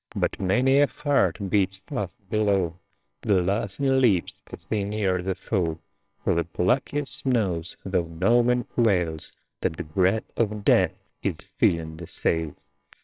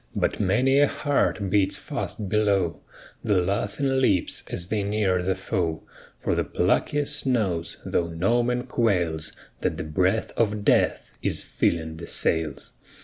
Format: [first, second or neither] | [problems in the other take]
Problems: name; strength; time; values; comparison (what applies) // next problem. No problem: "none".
second | noise reduction (neural separator model SepFormer WHAMR!)